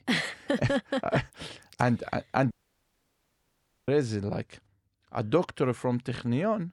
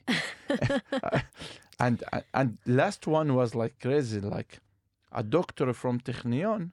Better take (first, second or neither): second